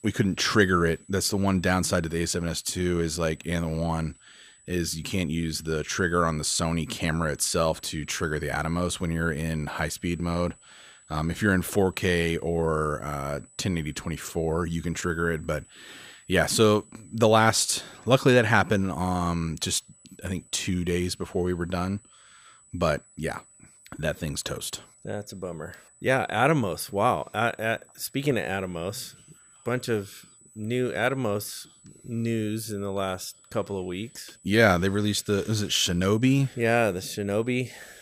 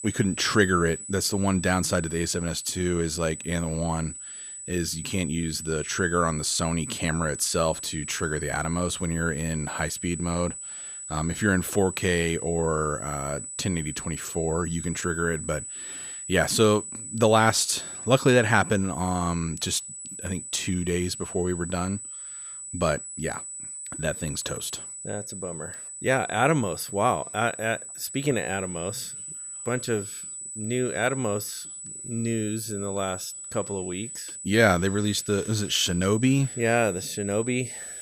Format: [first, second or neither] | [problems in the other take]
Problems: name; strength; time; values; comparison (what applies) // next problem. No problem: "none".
first | high-pitched whine; loud; throughout; 8 kHz, 9 dB below the speech; faint in the first